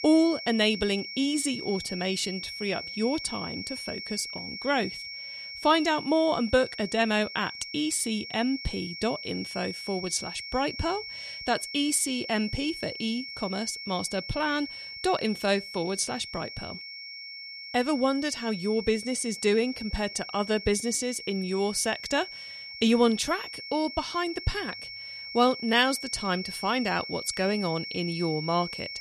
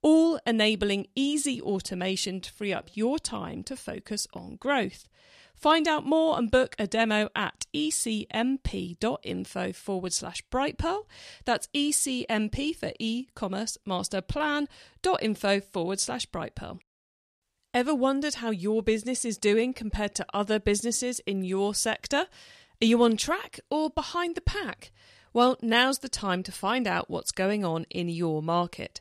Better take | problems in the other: second | high-pitched whine; loud; throughout; 5.5 kHz, 9 dB below the speech

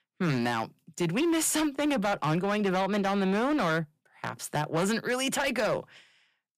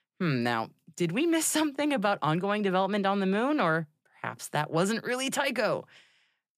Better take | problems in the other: second | distortion; slight; 12% of the sound clipped

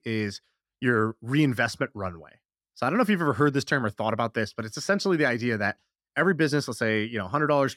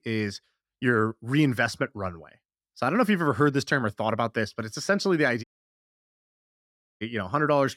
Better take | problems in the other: first | audio cutting out; at 5.5 s for 1.5 s

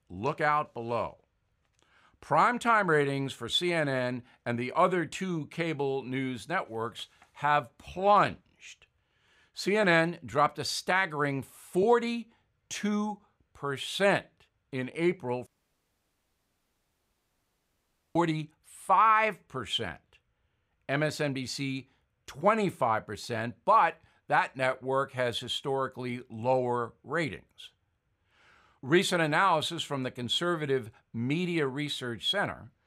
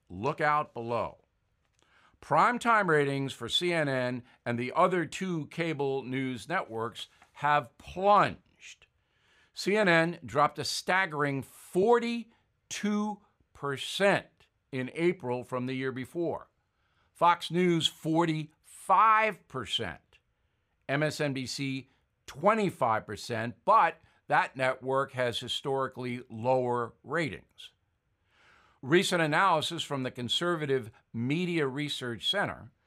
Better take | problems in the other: second | audio cutting out; at 15 s for 2.5 s

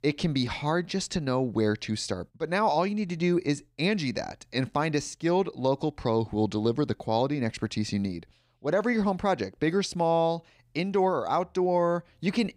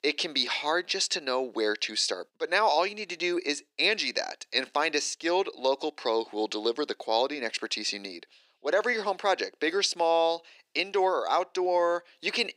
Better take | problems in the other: first | thin; very; fading below 350 Hz

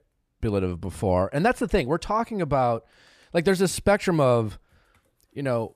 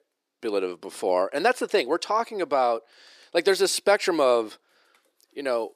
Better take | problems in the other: first | thin; somewhat; fading below 350 Hz

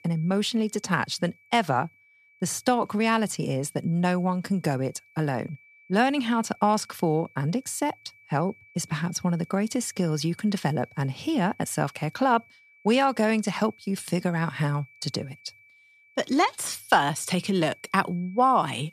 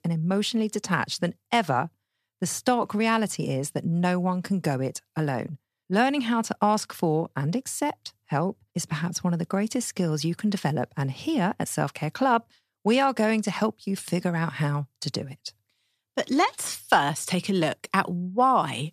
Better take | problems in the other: second | high-pitched whine; faint; throughout; 2.5 kHz, 25 dB below the speech

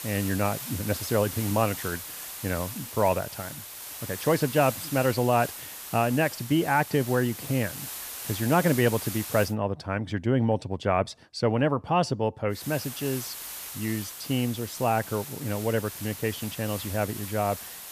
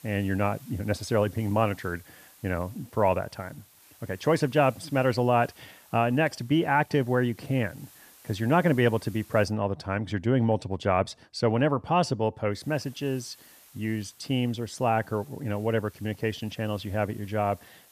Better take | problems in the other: second | hiss; loud; until 9.5 s and from 13 s on; 9 dB below the speech; faint in the second

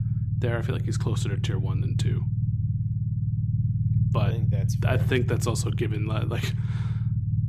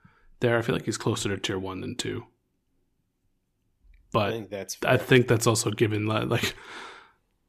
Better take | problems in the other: second | low rumble; loud; throughout; 5 dB below the speech

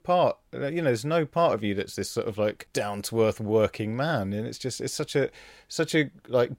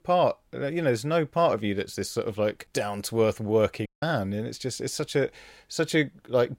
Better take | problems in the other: first | audio cutting out; at 4 s

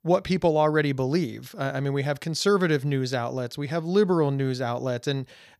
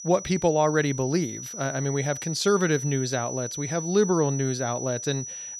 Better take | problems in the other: first | high-pitched whine; loud; throughout; 6 kHz, 8 dB below the speech

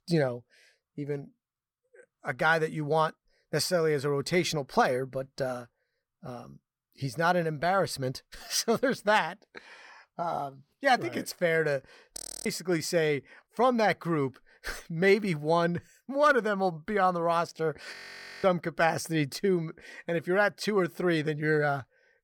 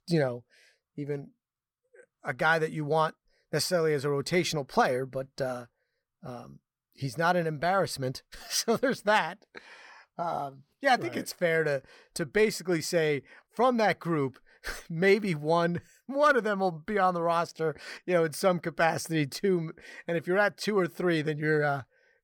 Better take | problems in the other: second | audio freezing; at 12 s and at 18 s for 0.5 s

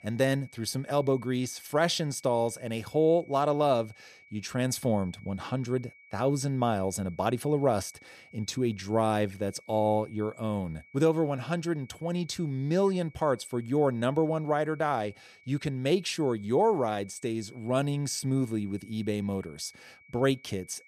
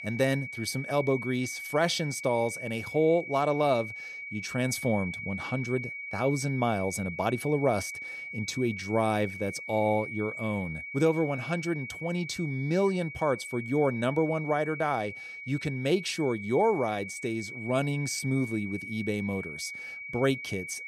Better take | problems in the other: first | high-pitched whine; loud; throughout; 2.5 kHz, 8 dB below the speech; faint in the first

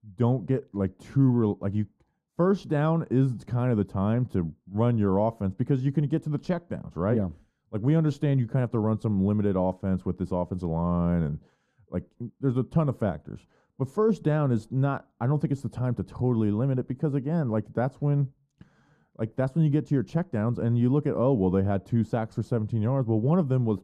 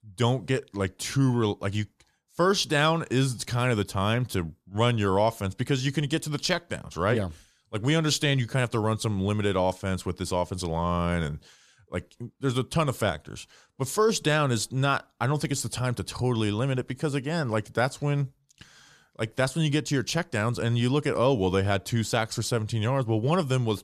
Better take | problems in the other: second | muffled; very; fading above 1.5 kHz

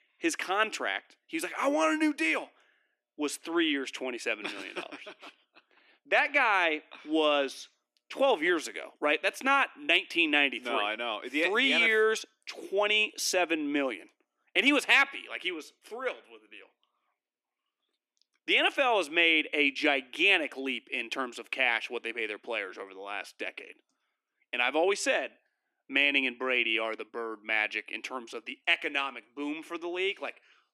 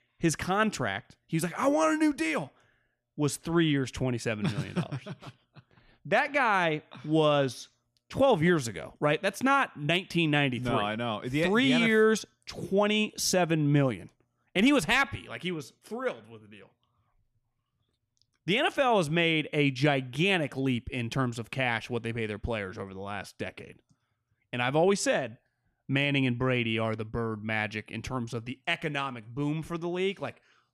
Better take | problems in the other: second | thin; somewhat; fading below 300 Hz

